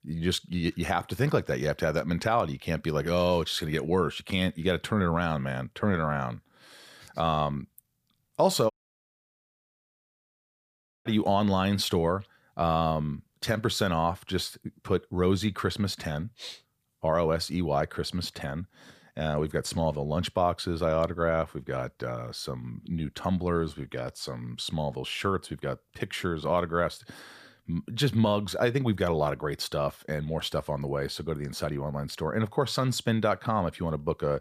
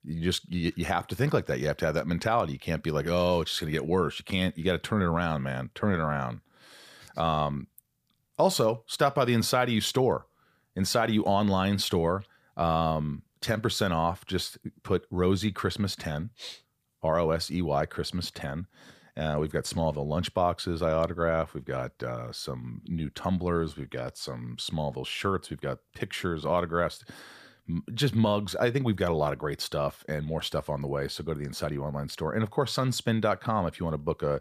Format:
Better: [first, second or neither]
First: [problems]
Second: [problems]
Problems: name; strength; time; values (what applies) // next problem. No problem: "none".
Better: second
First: audio cutting out; at 8.5 s for 2.5 s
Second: none